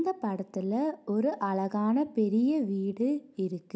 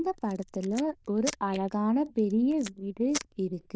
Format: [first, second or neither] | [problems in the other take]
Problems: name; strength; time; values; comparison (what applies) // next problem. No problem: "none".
first | noise reduction (neural diffusion model UNIVERSE++)